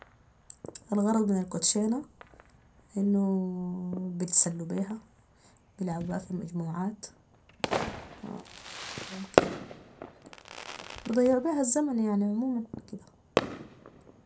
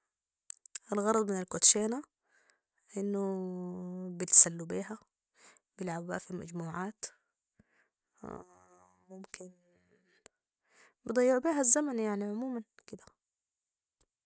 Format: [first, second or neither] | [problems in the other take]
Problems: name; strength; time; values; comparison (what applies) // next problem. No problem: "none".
second | background sound (Fireworks); 7 dB below the speech // room echo; dies away in 0.2 s